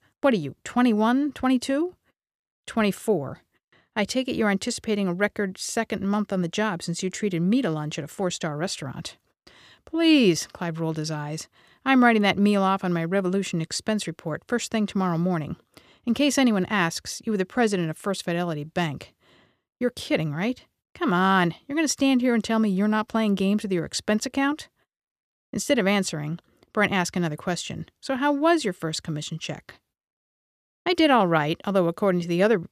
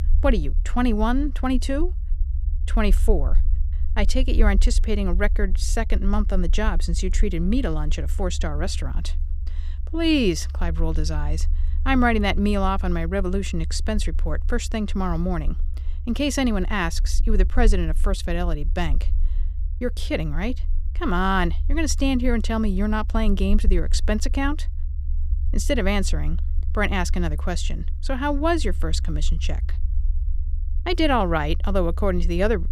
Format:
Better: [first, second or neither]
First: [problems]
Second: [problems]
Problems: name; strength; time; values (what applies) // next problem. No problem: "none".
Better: first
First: none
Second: low rumble; faint; throughout; 20 dB below the speech